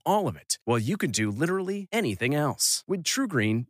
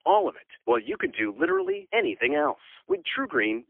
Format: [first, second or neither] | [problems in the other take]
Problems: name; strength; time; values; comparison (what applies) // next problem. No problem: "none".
first | phone-call audio; poor line; nothing above 3.5 kHz